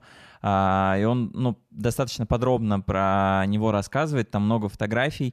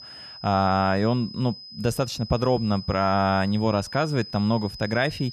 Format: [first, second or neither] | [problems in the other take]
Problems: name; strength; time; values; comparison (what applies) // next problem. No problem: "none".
first | high-pitched whine; noticeable; throughout; 5 kHz, 15 dB below the speech